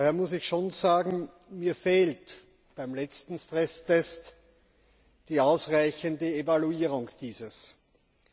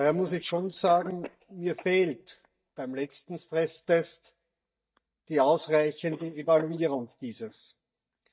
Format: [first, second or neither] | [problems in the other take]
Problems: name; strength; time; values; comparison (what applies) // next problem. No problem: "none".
first | noise reduction (neural mask model DeepFilterNet 3)